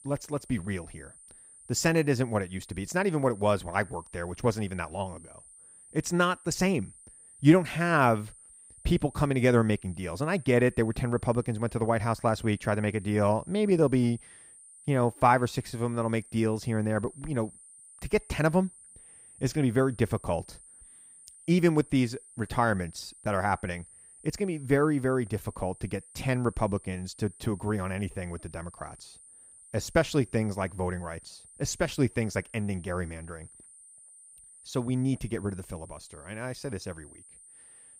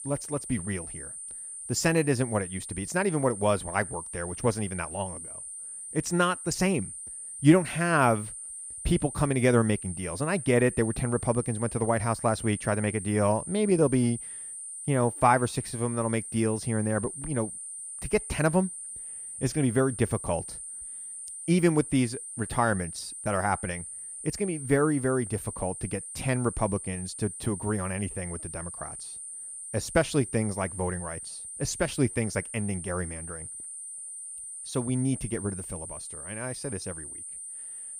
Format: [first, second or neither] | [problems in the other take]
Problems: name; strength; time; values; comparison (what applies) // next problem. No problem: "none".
first | high-pitched whine; loud; throughout; 9 kHz, 9 dB below the speech; faint in the first